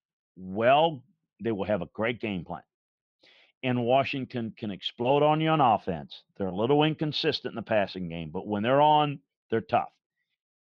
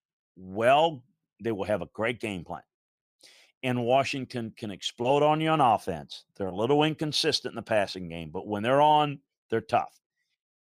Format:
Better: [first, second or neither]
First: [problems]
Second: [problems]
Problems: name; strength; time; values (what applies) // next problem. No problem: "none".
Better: second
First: muffled; very slightly; fading above 3.5 kHz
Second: none